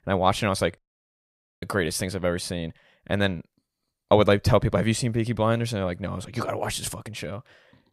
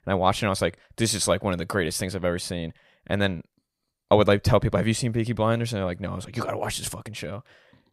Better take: second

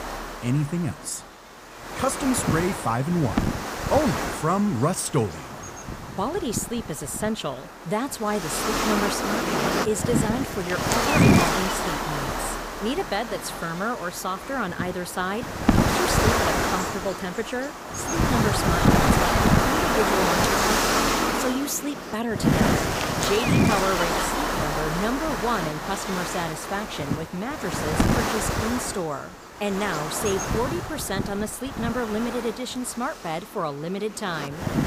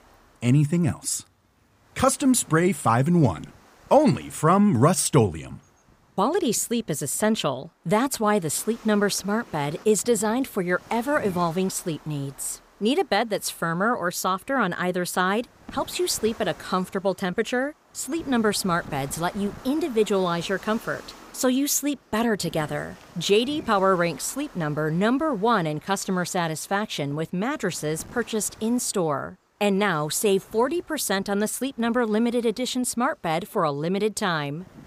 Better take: second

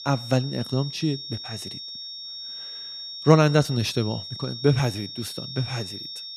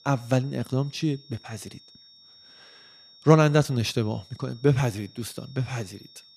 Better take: second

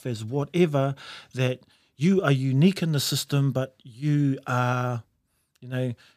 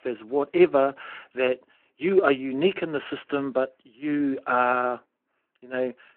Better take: first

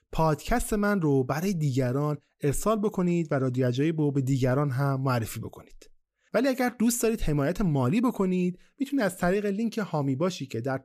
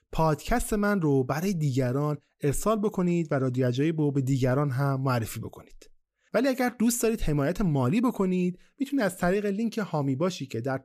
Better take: neither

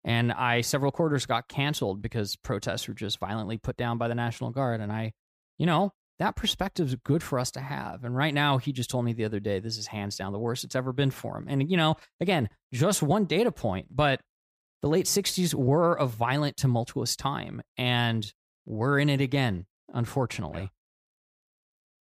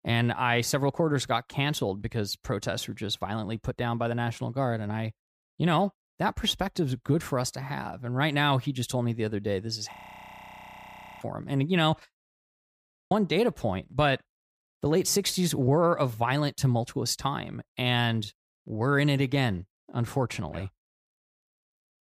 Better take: first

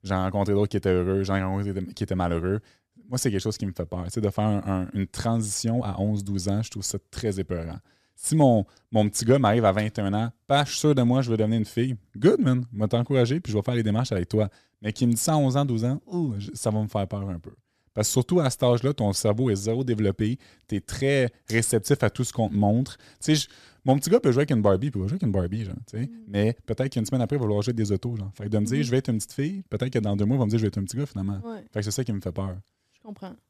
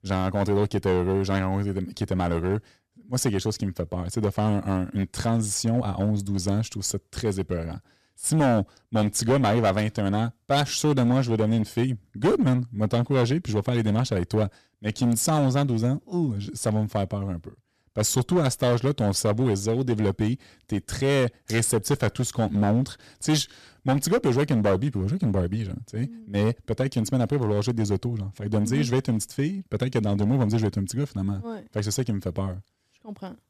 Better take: first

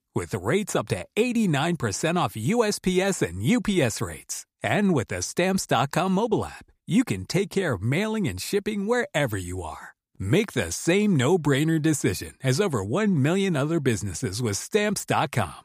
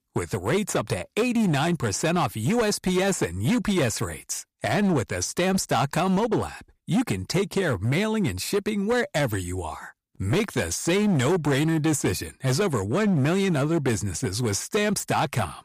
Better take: first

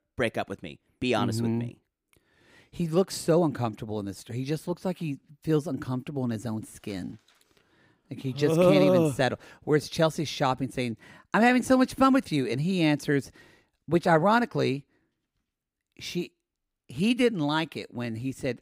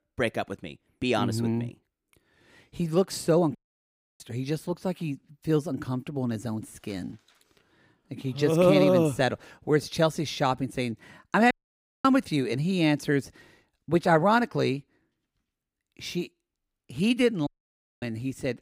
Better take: first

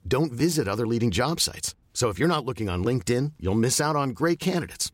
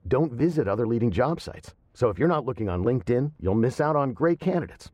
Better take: first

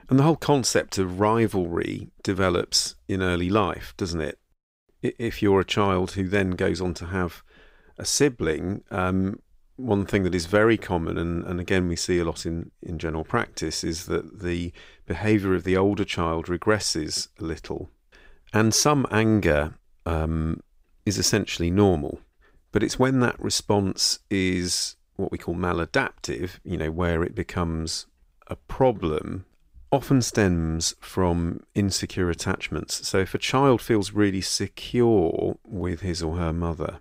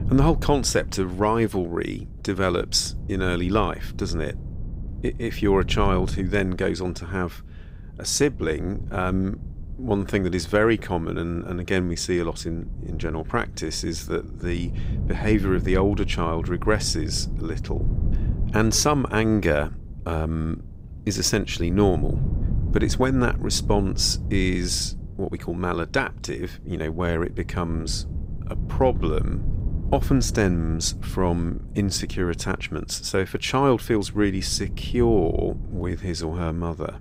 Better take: first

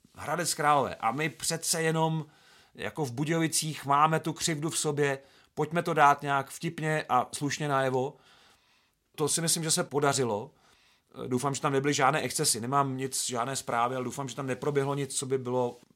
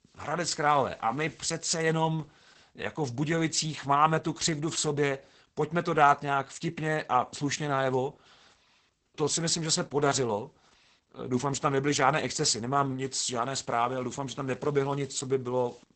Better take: first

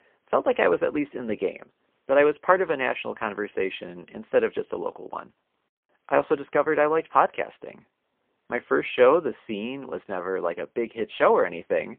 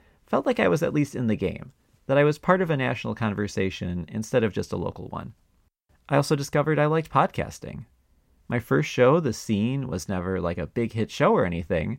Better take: second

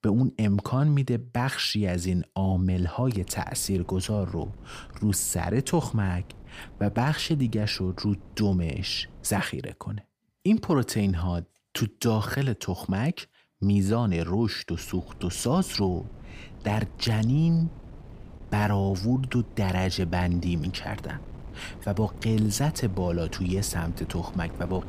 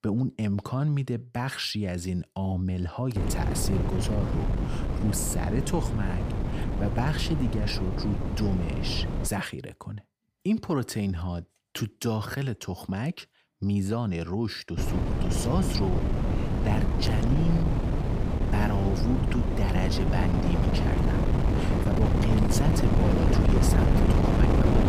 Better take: first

